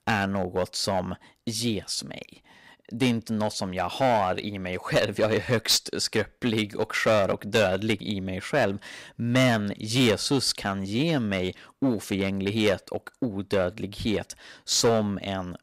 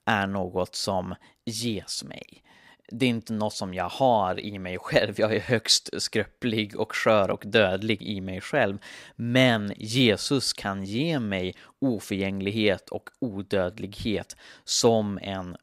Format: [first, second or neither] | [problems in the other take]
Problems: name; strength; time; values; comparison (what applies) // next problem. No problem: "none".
second | distortion; slight; 4% of the sound clipped